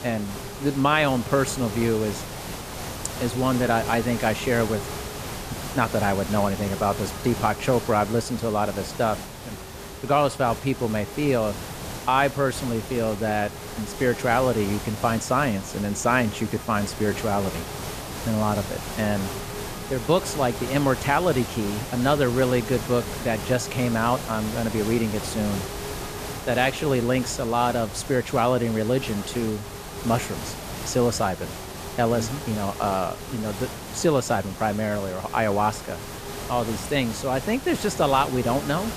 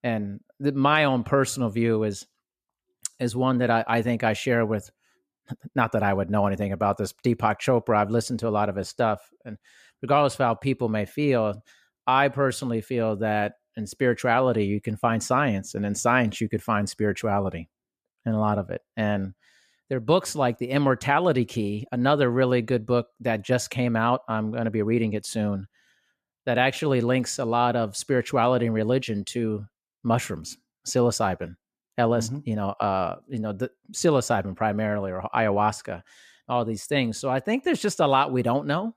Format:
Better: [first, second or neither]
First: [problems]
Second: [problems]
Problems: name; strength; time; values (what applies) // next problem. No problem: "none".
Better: second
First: hiss; loud; throughout; 9 dB below the speech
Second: none